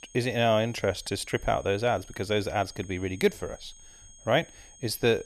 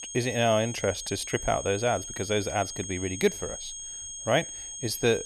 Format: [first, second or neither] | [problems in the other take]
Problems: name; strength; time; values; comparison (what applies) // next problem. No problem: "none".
first | high-pitched whine; loud; throughout; 6.5 kHz, 8 dB below the speech; faint in the first